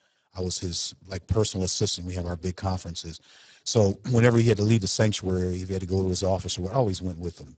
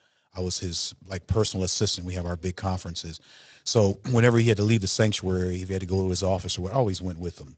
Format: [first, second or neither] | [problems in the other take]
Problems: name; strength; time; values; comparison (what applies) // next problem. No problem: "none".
second | garbled, watery; badly; nothing above 8 kHz; slightly in the second